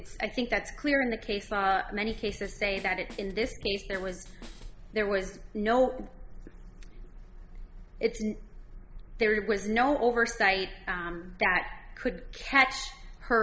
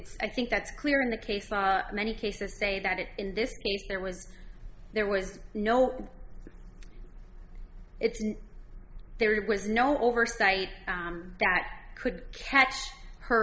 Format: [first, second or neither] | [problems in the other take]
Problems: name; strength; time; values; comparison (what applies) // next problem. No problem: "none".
second | background sound (Drum kit); 19 dB below the speech